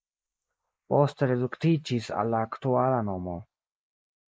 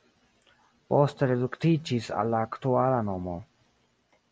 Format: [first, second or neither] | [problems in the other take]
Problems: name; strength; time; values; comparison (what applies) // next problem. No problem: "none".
second | noise reduction (neural mask model Resemble Enhance denoiser)